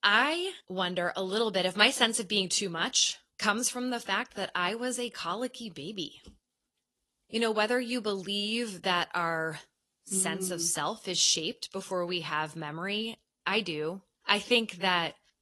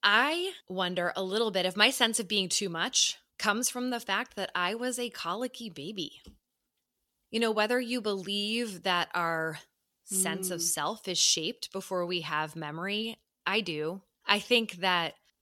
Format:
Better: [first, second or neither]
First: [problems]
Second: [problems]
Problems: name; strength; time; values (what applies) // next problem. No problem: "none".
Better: second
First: garbled, watery; slightly; nothing above 11 kHz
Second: none